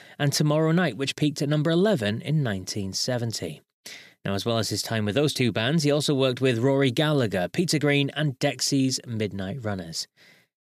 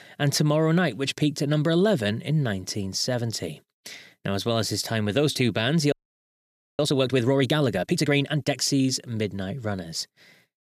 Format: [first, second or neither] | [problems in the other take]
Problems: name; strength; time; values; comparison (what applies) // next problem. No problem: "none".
first | audio freezing; at 6 s for 1 s